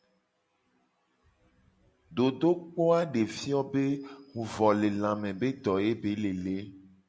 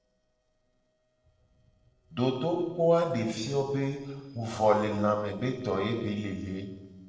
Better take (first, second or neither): first